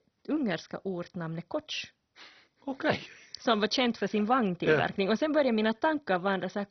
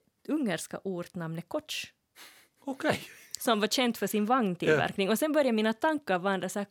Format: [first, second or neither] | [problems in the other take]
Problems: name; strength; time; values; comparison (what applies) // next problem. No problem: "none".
second | garbled, watery; badly; nothing above 6 kHz